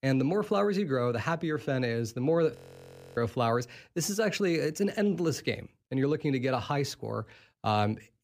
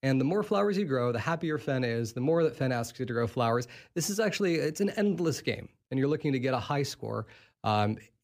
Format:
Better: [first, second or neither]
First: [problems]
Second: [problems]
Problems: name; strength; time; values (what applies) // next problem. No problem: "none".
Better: second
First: audio freezing; at 2.5 s for 0.5 s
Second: none